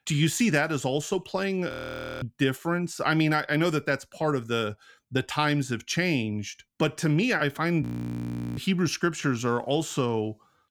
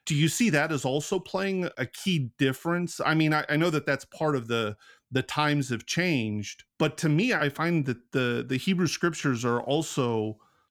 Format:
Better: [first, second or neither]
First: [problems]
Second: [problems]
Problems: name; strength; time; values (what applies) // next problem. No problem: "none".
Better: second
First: audio freezing; at 1.5 s for 0.5 s and at 8 s for 0.5 s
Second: none